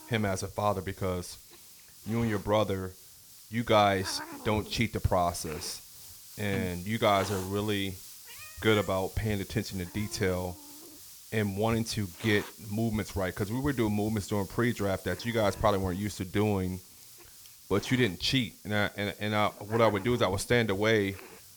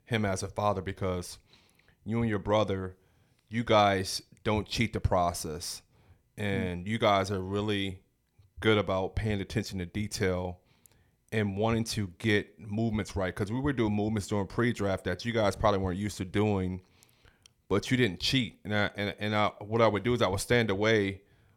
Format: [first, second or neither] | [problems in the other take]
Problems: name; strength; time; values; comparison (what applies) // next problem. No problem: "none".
second | hiss; noticeable; throughout; 15 dB below the speech